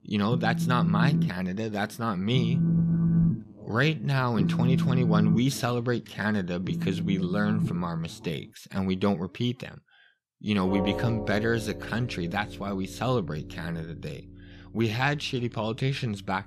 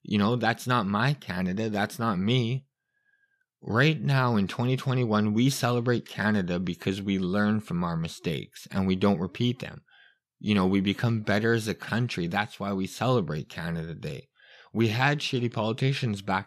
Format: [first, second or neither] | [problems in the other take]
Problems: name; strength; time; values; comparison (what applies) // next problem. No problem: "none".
second | alarms or sirens; very loud; throughout; 1 dB above the speech